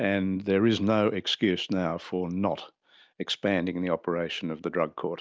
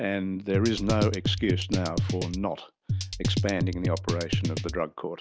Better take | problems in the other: first | background sound (Drum kit); 1 dB above the speech

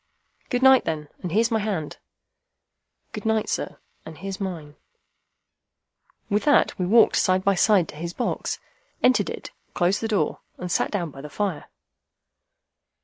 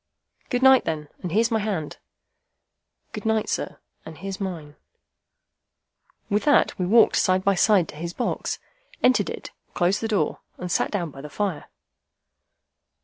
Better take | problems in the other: second | noise reduction (neural mask model Resemble Enhance denoiser)

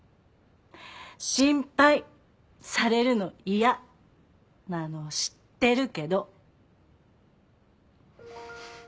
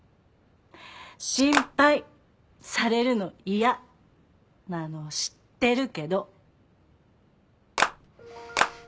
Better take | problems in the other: first | background sound (Clapping); 3 dB above the speech

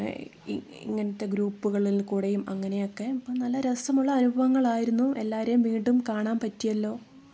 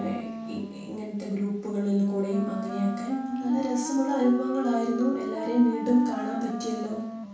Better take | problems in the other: first | background sound (Wind instrument, woodwind instrument); 8 dB below the speech // room echo; dies away in 0.7 s

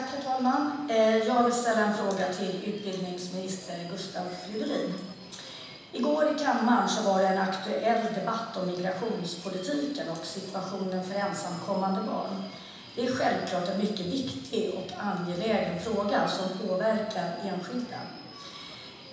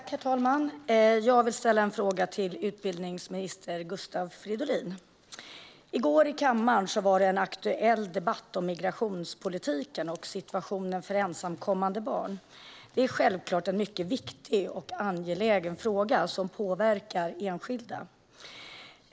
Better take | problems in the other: second | background sound (Subway, metro, underground); 19 dB below the speech // room echo; dies away in 1.1 s

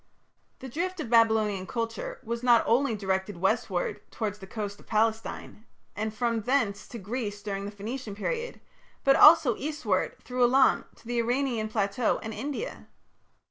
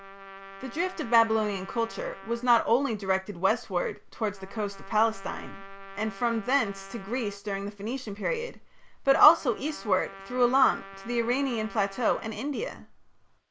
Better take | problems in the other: first | background sound (Trumpet); 18 dB below the speech

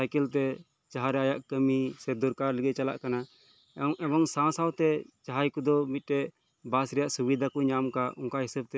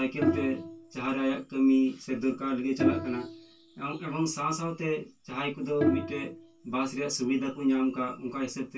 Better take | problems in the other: first | background sound (Bowed string instrument); 5 dB below the speech // room echo; dies away in 0.1 s

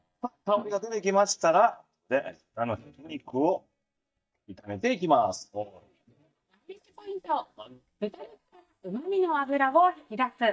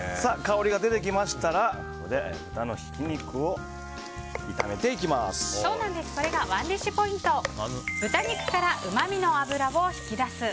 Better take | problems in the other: second | noise reduction (neural mask model DeepFilterNet 3)

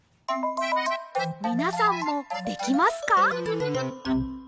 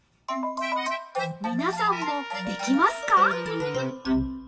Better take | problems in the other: first | background sound (Trumpet); 15 dB below the speech // room echo; dies away in 0.2 s

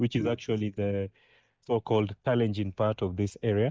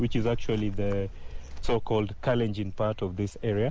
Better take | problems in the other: second | noise reduction (neural mask model DeepFilterNet 3)

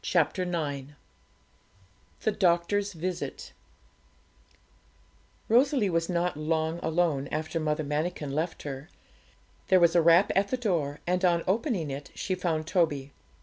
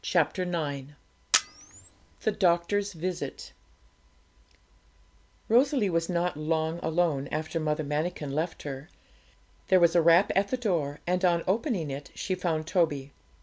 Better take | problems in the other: first | background sound (Camera); 6 dB below the speech

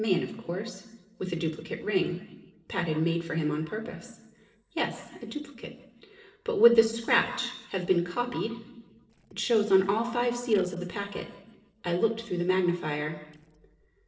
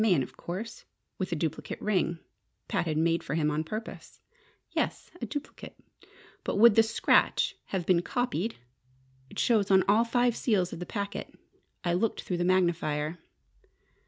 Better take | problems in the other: second | noise reduction (neural separator model SepFormer DNS4)

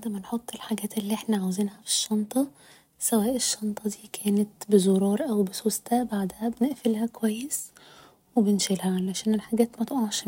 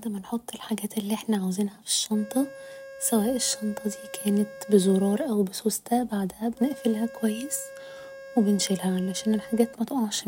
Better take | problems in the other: first | background sound (Organ); 16 dB below the speech

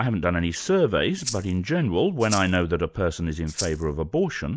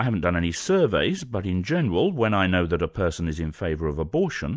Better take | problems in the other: second | background sound (Rattle (instrument)); 10 dB below the speech

